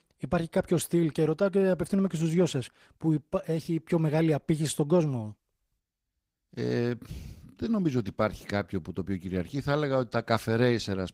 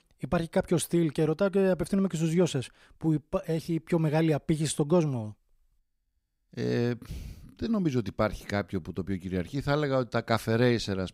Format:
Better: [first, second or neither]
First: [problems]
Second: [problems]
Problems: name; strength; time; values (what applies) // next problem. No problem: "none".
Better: second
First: garbled, watery; slightly; nothing above 15.5 kHz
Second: none